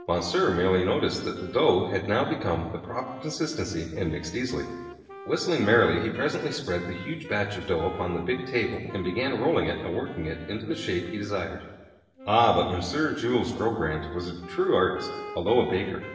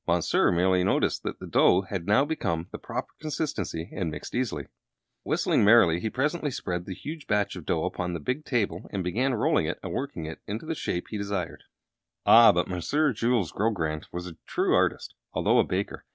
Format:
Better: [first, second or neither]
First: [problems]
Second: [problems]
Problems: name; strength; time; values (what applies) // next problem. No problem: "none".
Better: second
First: background sound (Wind instrument, woodwind instrument); 16 dB below the speech // room echo; dies away in 1.2 s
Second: none